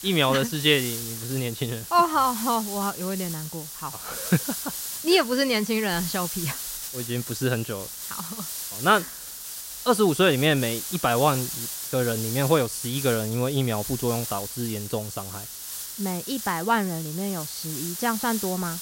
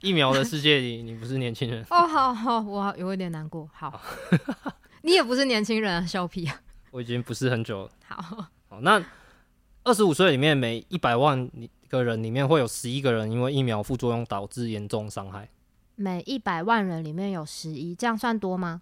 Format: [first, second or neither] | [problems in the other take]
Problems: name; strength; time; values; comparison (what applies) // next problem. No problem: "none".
second | hiss; loud; throughout; 7 dB below the speech